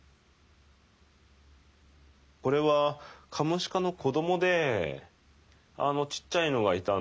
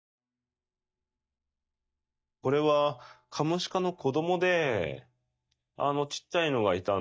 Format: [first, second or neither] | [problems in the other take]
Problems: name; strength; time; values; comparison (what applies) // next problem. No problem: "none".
first | noise reduction (neural mask model DeepFilterNet 3)